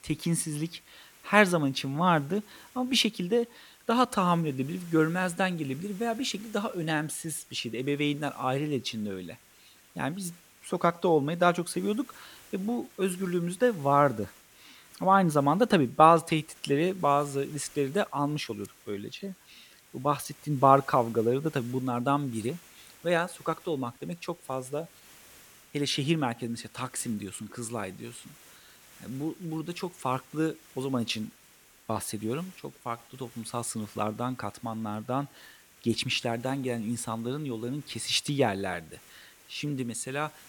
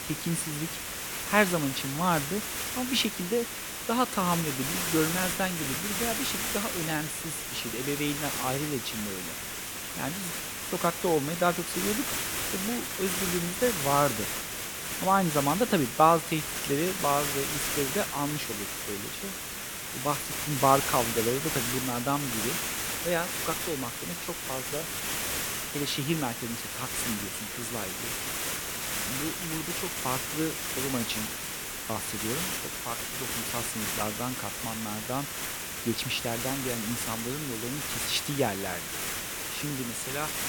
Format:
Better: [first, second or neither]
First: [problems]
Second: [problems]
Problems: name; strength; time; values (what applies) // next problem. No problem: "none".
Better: first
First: hiss; faint; throughout; 25 dB below the speech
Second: hiss; loud; throughout; as loud as the speech